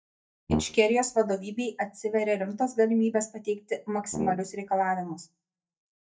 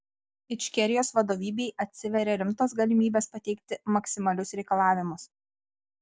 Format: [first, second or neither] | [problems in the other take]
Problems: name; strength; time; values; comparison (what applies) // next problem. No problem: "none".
second | noise reduction (neural mask model DeepFilterNet 3)